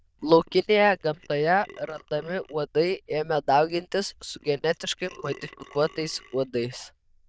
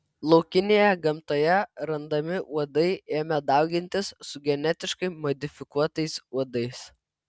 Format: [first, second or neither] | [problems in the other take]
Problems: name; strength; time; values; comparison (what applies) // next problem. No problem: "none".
second | noise reduction (neural diffusion model UNIVERSE++)